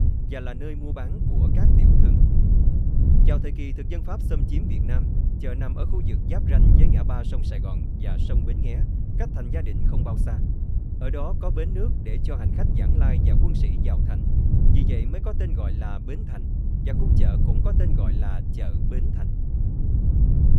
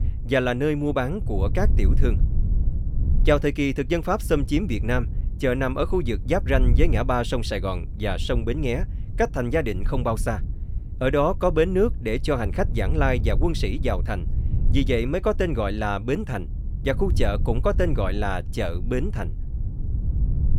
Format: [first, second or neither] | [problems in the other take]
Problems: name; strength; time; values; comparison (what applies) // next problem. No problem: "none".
second | wind noise on the microphone; heavy; 1 dB above the speech; occasional gusts in the second